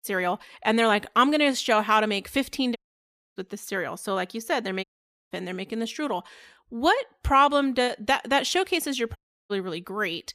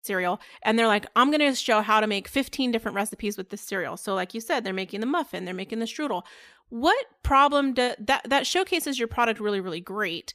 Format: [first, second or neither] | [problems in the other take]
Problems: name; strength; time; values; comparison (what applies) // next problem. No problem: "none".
second | audio cutting out; at 3 s for 0.5 s, at 5 s and at 9 s